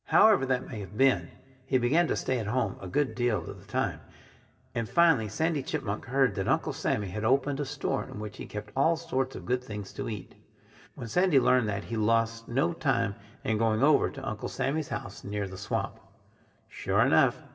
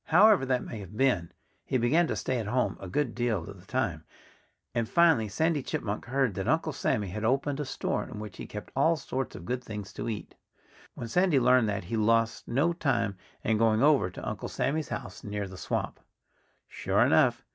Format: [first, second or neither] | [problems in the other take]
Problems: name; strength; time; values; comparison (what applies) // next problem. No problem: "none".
second | room echo; dies away in 0.7 s